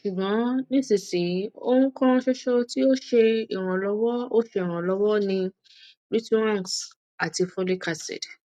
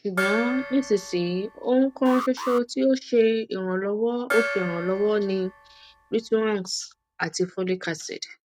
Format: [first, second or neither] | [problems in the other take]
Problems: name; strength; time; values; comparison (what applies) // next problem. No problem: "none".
first | background sound (Alarm + Gong); 9 dB below the speech